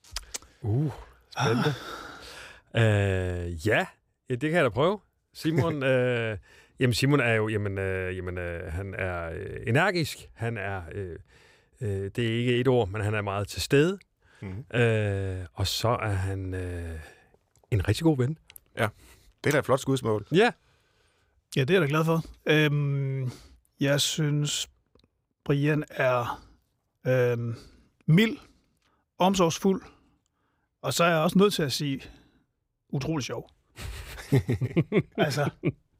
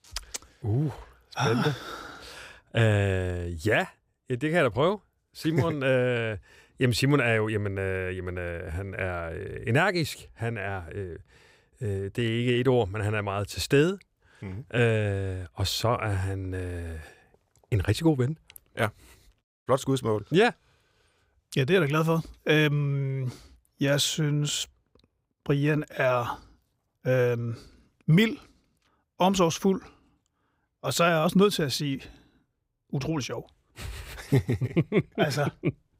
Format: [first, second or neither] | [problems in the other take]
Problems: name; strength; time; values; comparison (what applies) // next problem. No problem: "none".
first | audio cutting out; at 19 s